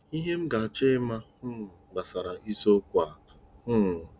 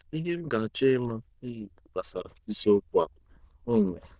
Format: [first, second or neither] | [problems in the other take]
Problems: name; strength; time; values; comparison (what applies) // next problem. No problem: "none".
first | noise reduction (neural diffusion model UNIVERSE++)